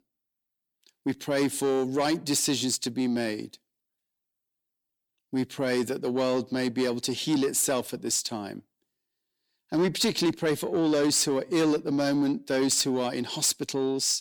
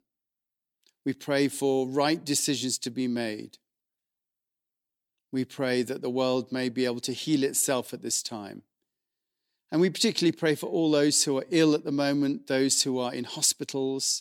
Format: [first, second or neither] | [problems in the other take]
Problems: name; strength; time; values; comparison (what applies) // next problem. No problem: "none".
second | distortion; slight; 10 dB below the speech